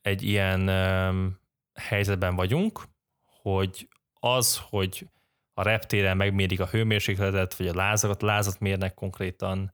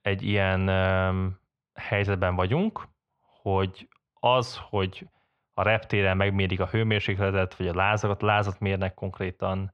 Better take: first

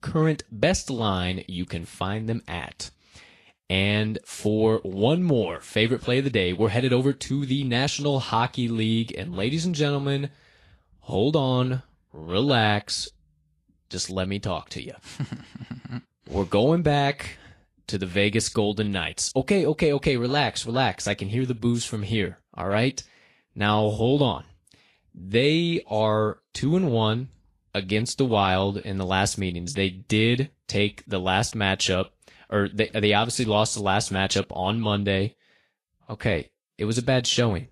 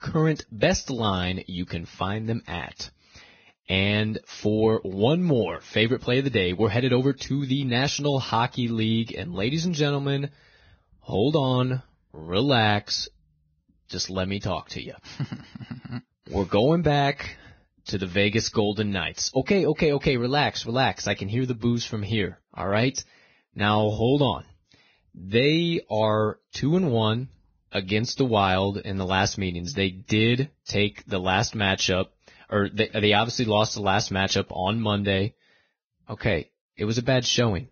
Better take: first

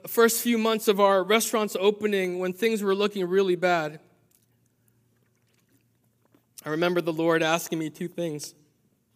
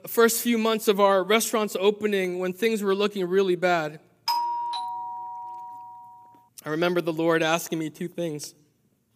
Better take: first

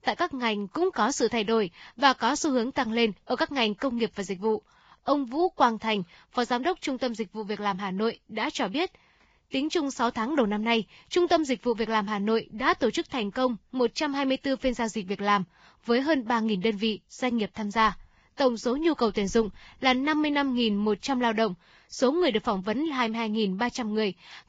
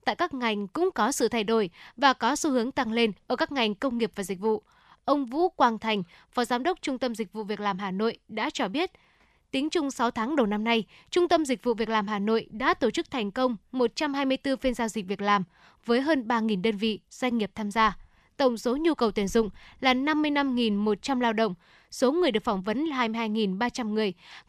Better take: second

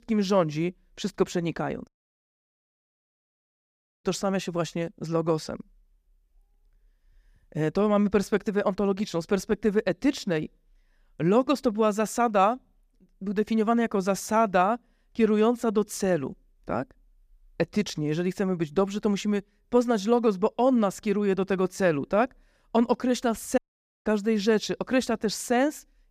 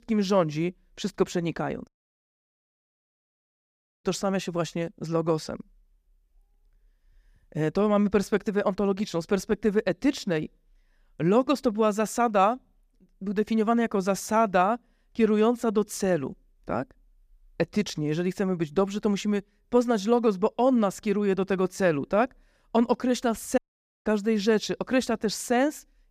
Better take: neither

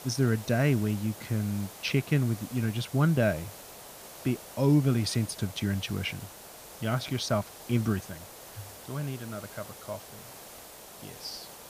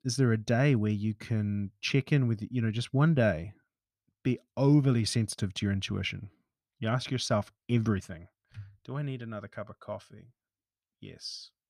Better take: second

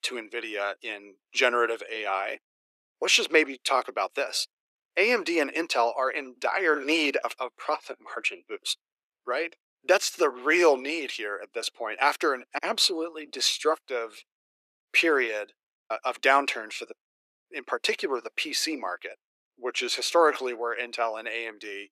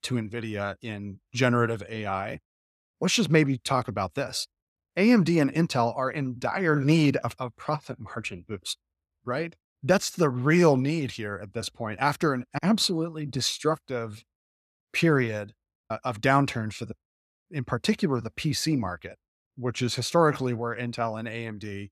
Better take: second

